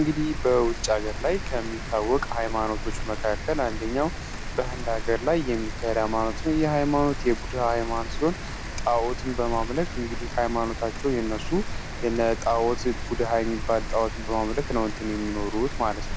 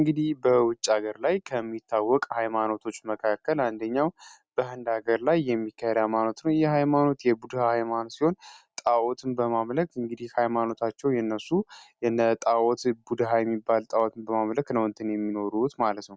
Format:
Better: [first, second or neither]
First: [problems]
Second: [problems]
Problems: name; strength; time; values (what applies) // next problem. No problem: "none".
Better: second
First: background sound (Rain); 4 dB below the speech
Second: none